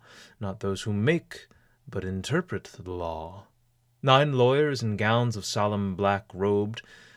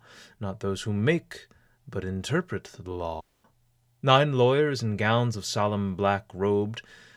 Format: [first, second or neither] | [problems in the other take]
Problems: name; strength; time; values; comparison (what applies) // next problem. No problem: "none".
first | audio cutting out; at 3 s